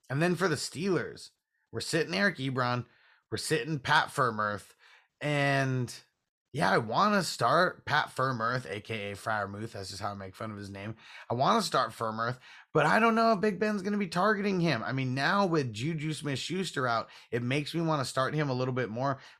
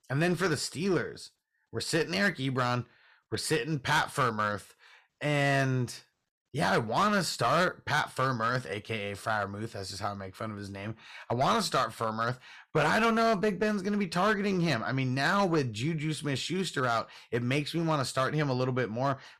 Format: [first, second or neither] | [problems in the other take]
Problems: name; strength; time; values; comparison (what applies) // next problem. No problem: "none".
first | distortion; slight; 5% of the sound clipped